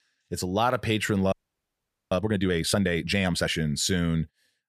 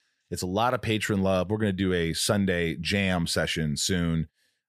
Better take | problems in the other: second | audio freezing; at 1.5 s for 1 s

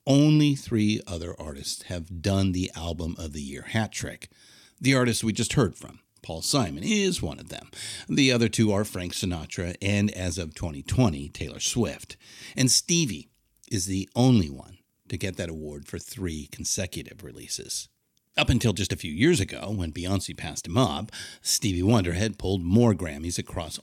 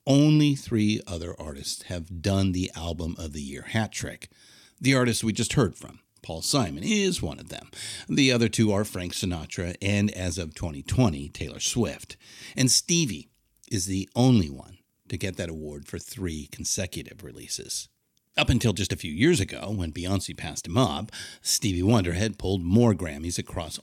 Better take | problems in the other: neither | none

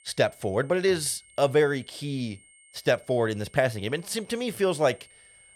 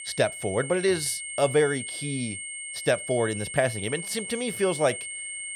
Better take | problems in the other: first | high-pitched whine; loud; throughout; 8.5 kHz, 7 dB below the speech; faint in the first

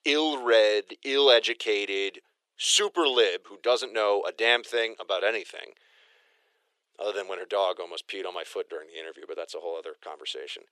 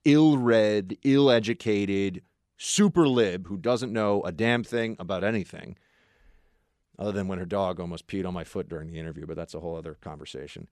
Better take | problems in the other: second | thin; very; fading below 400 Hz

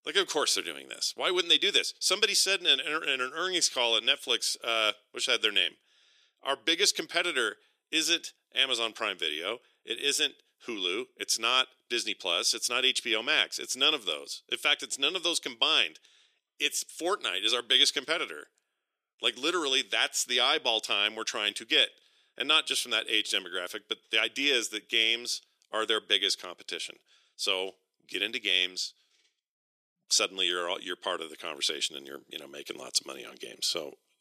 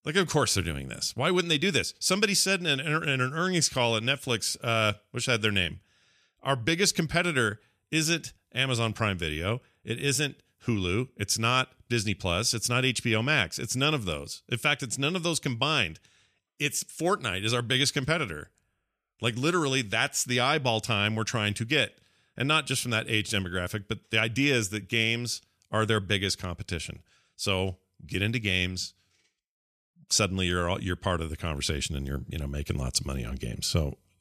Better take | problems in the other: second | thin; very; fading below 350 Hz

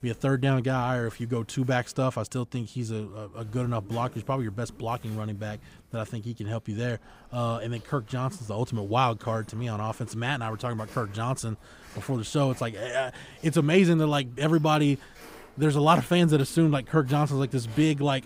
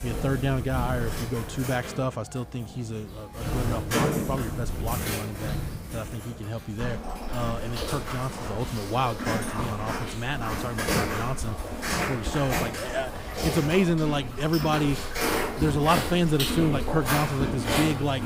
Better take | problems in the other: first | animal sounds; loud; throughout; 2 dB below the speech; faint in the first

